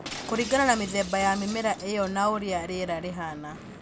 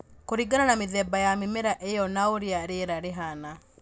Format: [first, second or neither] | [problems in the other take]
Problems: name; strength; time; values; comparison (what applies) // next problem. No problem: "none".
second | background sound (Gunshot, gunfire / Fireworks + Shatter); 13 dB below the speech